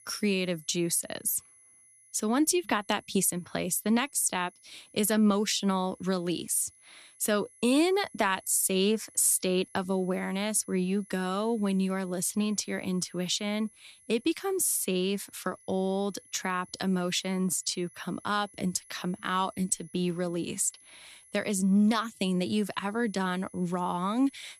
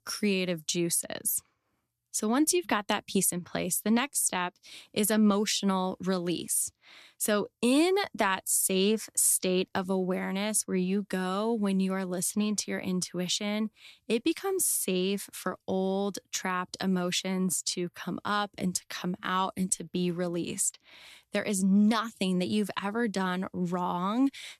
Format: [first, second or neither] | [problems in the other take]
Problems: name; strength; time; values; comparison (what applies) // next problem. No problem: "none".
second | high-pitched whine; faint; throughout; 10.5 kHz, 25 dB below the speech